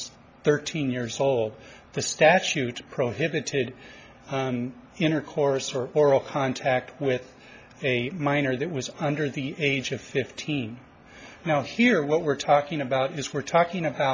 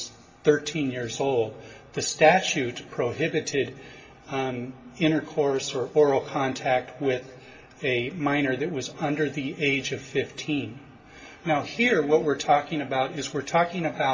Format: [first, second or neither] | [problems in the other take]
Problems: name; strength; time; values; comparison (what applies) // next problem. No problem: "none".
first | room echo; dies away in 1.4 s